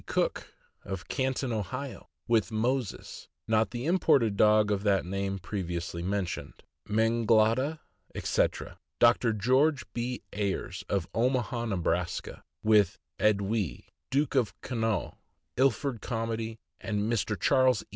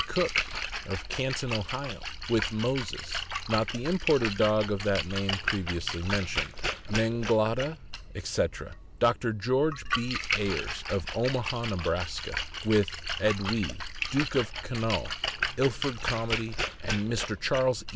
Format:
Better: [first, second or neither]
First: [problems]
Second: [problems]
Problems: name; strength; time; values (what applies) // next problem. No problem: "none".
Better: first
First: none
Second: background sound (Splash, splatter); 4 dB below the speech